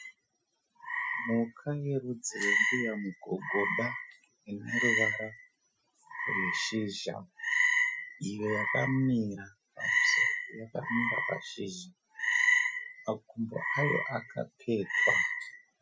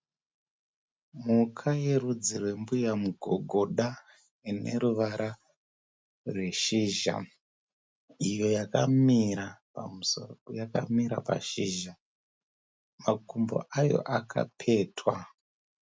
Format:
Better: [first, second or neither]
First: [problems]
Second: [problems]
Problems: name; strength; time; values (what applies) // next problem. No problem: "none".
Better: second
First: noise reduction (classical method Wiener filter)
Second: none